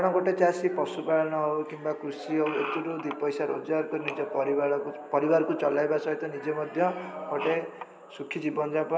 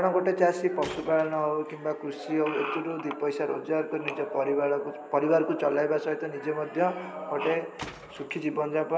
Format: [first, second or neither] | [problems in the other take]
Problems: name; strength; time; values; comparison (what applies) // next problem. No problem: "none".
first | background sound (Tools); 17 dB below the speech